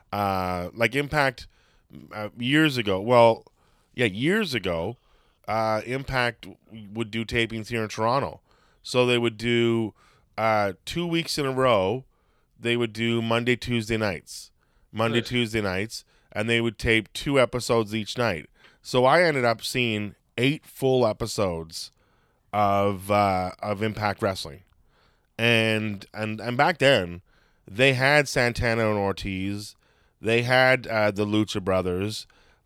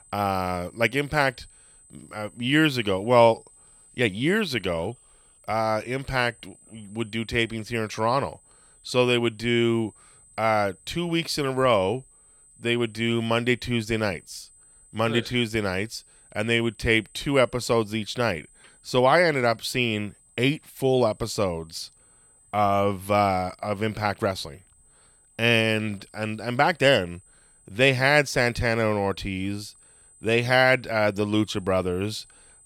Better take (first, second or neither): first